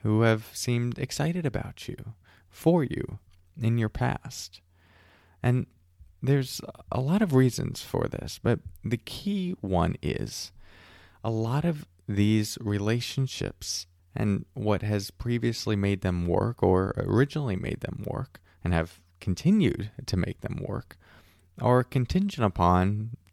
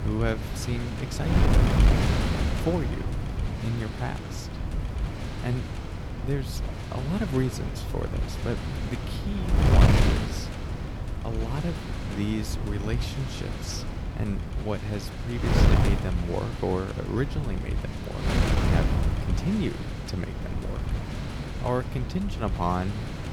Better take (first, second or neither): first